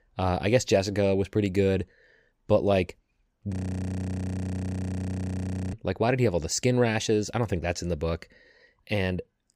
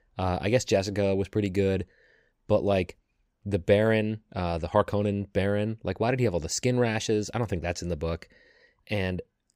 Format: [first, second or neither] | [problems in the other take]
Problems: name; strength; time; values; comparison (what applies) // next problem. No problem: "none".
second | audio freezing; at 3.5 s for 2 s